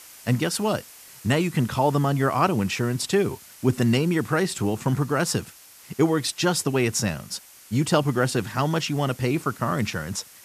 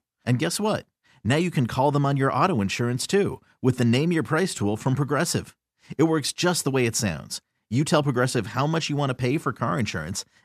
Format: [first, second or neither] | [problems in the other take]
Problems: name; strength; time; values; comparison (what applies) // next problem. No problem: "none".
second | hiss; faint; throughout; 20 dB below the speech